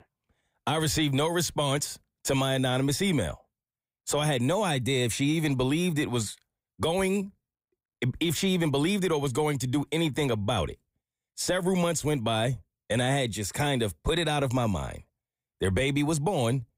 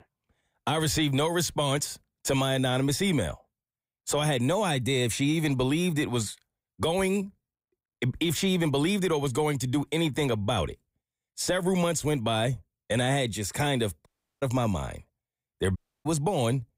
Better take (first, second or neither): first